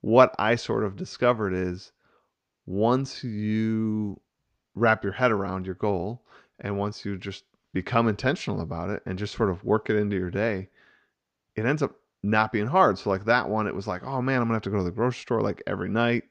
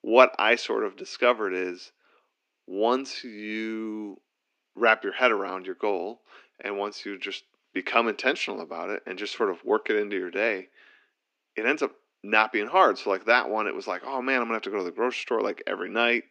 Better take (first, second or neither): first